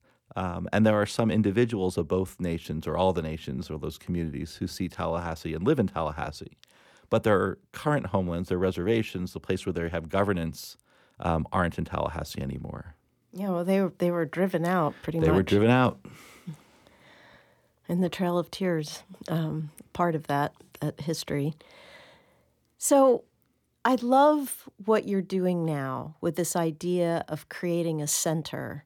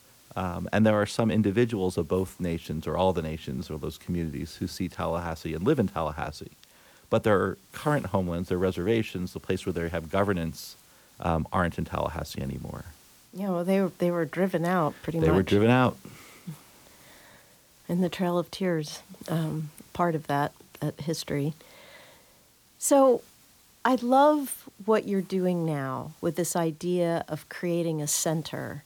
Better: first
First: none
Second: hiss; faint; throughout; 25 dB below the speech

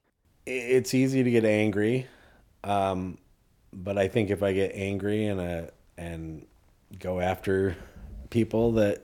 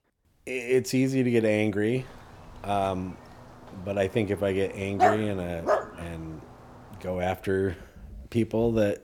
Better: first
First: none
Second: dog barking; loud; at 5 s; peak 3 dB above the speech

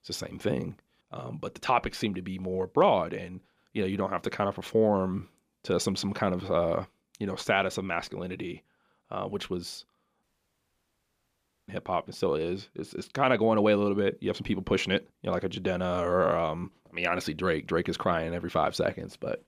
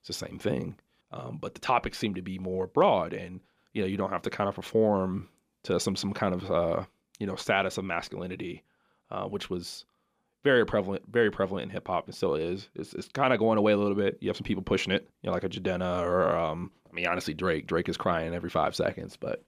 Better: second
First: audio cutting out; at 10 s for 1.5 s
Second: none

